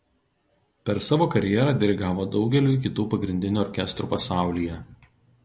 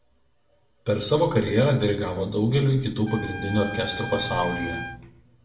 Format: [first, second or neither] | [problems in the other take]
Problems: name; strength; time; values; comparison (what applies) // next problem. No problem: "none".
first | background sound (Trumpet); 12 dB below the speech // room echo; dies away in 0.7 s